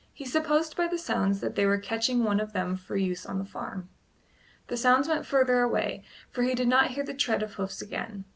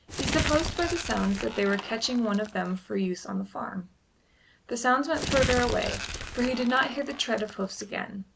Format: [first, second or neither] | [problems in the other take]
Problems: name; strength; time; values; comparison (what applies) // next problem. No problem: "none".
first | background sound (Crumpling, crinkling); 6 dB below the speech